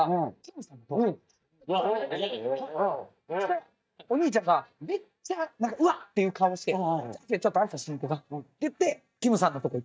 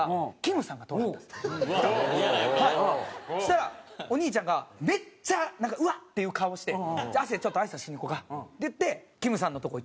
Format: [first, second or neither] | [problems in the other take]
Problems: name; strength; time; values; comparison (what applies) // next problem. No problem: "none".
second | noise reduction (neural mask model DeepFilterNet 3)